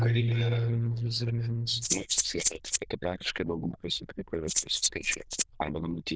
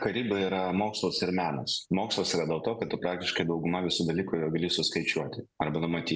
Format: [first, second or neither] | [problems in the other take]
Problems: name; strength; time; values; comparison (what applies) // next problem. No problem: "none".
second | noise reduction (neural diffusion model UNIVERSE++)